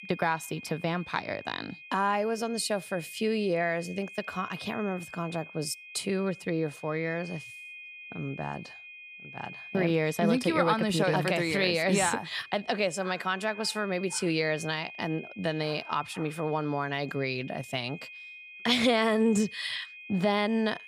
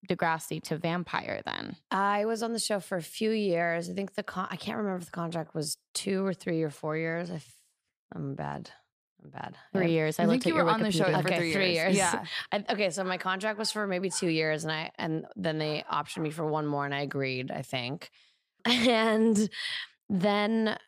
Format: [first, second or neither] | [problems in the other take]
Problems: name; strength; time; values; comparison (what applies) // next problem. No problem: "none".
second | high-pitched whine; noticeable; throughout; 2.5 kHz, 15 dB below the speech